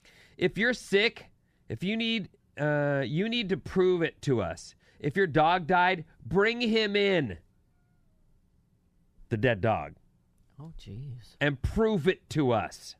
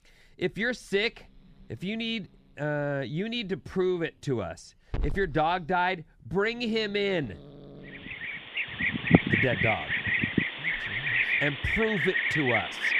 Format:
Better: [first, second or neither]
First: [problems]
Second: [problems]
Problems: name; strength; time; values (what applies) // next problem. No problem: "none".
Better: first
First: none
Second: animal sounds; very loud; throughout; 3 dB above the speech